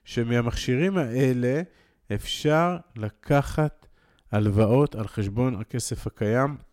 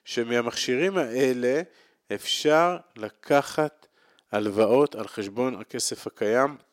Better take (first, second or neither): first